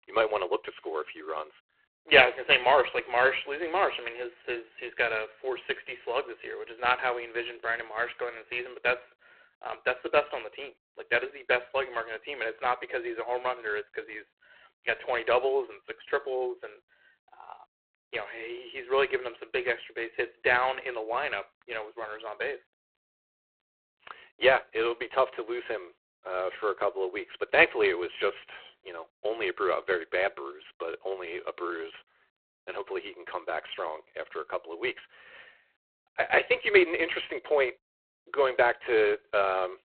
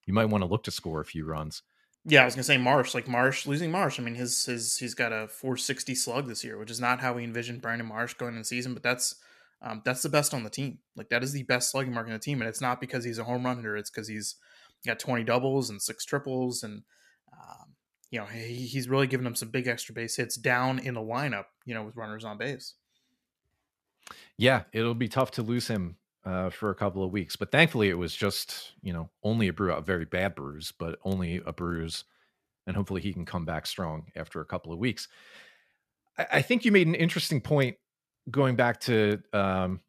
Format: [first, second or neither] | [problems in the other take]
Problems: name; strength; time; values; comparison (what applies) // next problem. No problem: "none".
second | phone-call audio; poor line